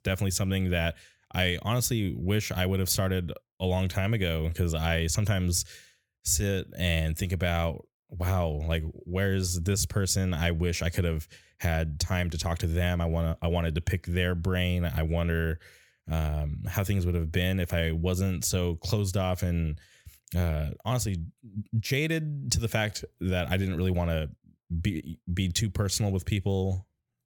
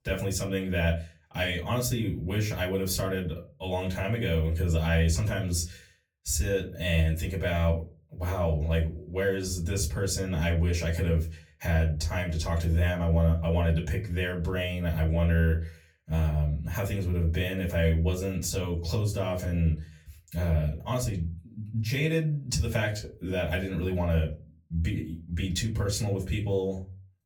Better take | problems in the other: first | off-mic speech; far // room echo; very slight; dies away in 0.3 s

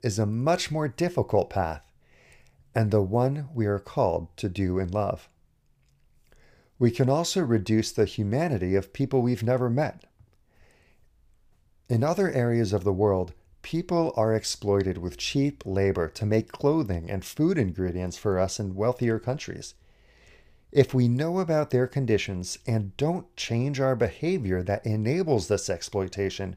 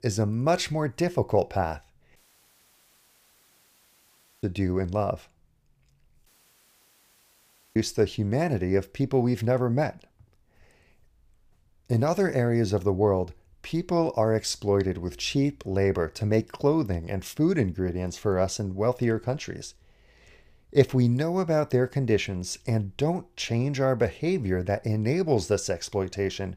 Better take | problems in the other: first | audio cutting out; at 2 s for 2.5 s and at 6.5 s for 1.5 s

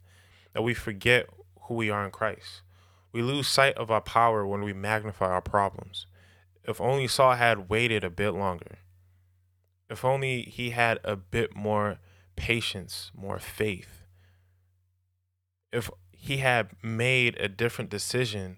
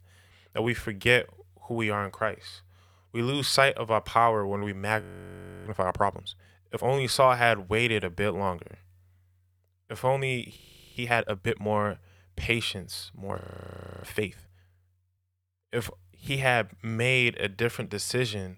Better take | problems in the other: first | audio freezing; at 5 s for 0.5 s, at 11 s and at 13 s for 0.5 s

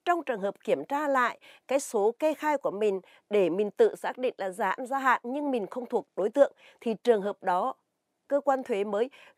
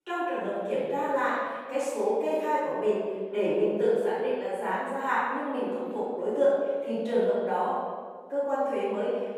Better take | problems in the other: first | off-mic speech; far // room echo; strong; dies away in 1.5 s

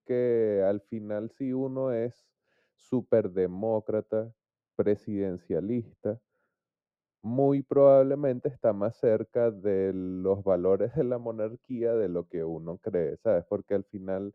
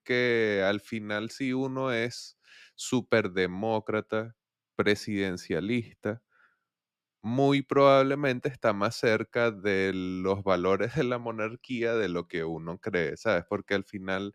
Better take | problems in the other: second | muffled; very; fading above 1.5 kHz

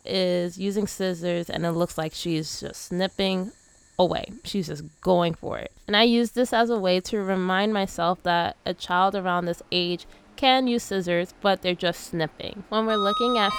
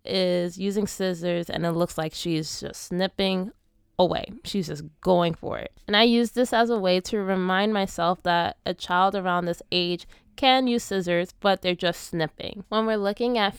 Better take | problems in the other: second | household noises; loud; throughout; 2 dB below the speech

